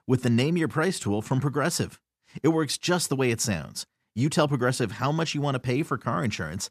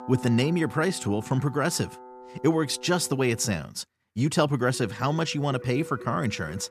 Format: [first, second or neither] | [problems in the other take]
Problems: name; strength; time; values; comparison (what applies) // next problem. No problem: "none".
first | background music; noticeable; throughout; 20 dB below the speech